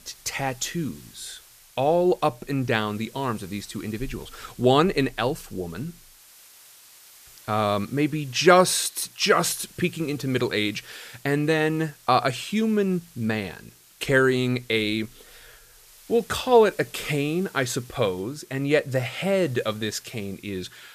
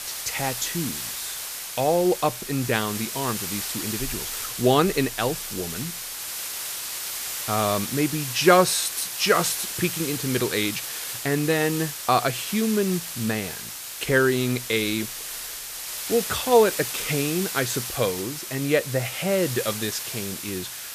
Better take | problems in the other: first | hiss; loud; throughout; 5 dB below the speech; faint in the first

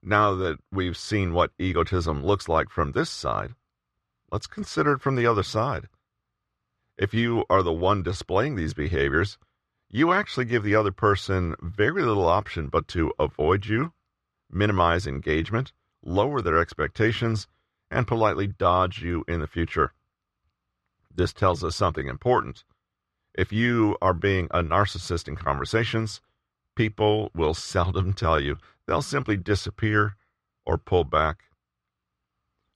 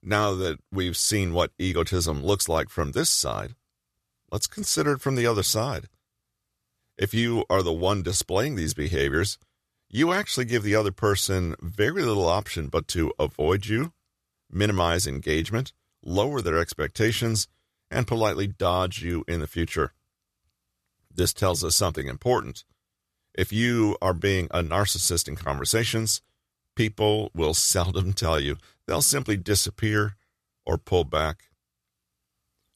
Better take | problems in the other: second | muffled; very; fading above 3 kHz

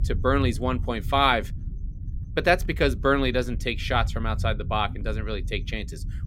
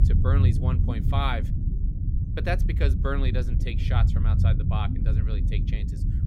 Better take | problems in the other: first | low rumble; loud; throughout; 6 dB below the speech; faint in the first

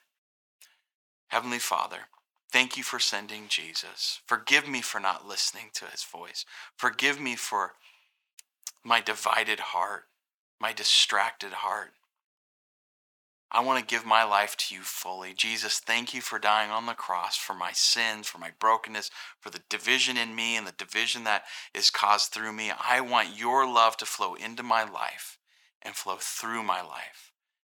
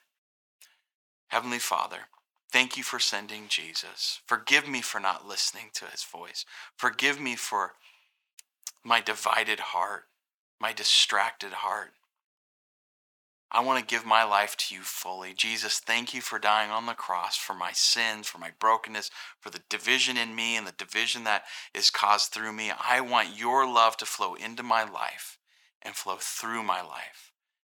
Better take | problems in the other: neither | thin; very; fading below 800 Hz; the same in both

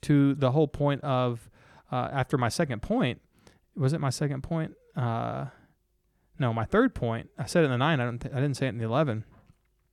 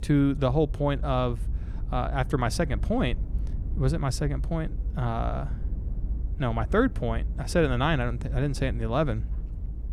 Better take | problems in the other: first | low rumble; faint; throughout; 20 dB below the speech

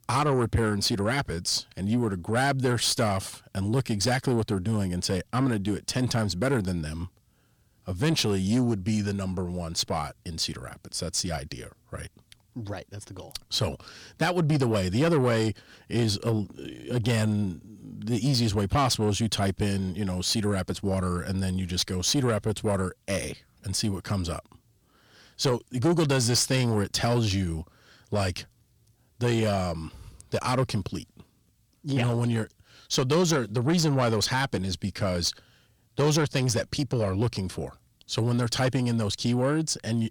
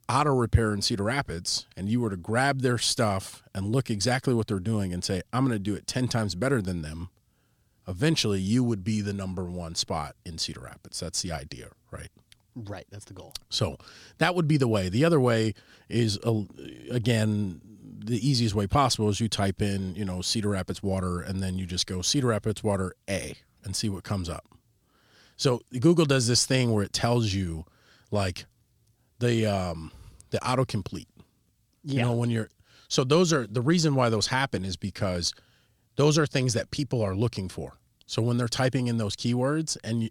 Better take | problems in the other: second | distortion; slight; 10 dB below the speech

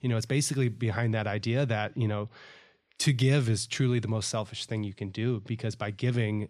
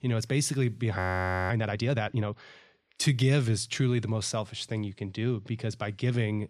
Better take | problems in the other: first | audio freezing; at 1 s for 0.5 s

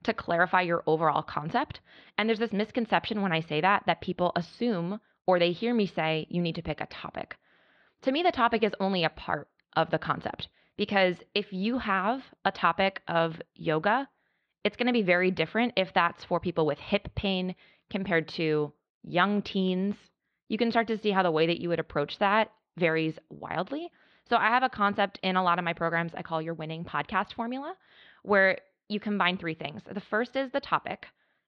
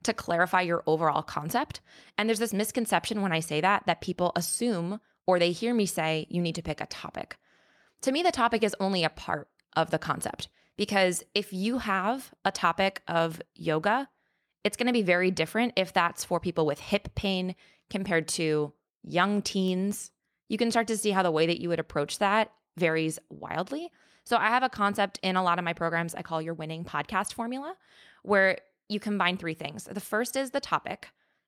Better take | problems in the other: second | muffled; very slightly; fading above 4 kHz

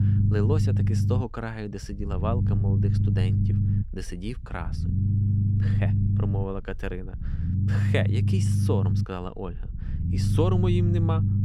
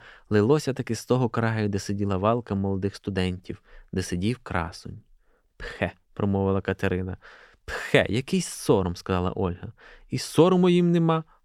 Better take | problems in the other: second | low rumble; loud; throughout; 3 dB below the speech

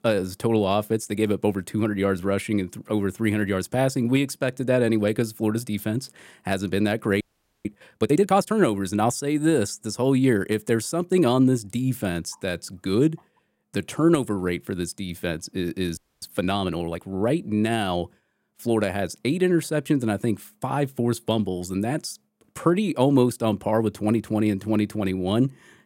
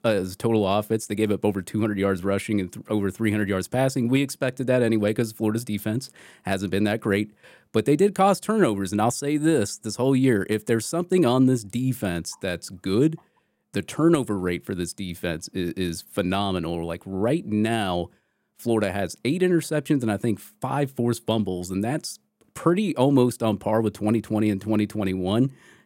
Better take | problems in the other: second | audio freezing; at 7 s and at 16 s

